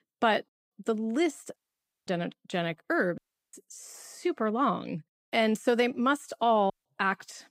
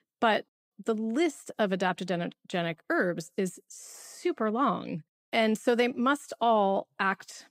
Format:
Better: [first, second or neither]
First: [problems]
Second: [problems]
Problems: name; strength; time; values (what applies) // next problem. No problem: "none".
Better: second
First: audio cutting out; at 1.5 s for 0.5 s, at 3 s and at 6.5 s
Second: none